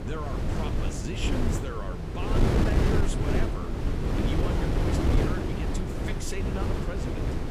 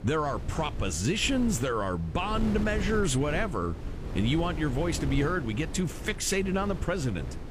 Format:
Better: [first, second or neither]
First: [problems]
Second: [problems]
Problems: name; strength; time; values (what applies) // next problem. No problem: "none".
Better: second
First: wind noise on the microphone; heavy; 4 dB above the speech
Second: wind noise on the microphone; occasional gusts; 15 dB below the speech